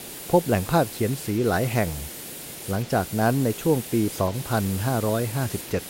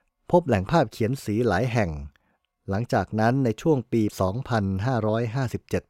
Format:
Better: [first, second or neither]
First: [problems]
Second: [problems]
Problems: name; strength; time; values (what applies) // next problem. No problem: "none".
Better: second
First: hiss; noticeable; throughout; 10 dB below the speech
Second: none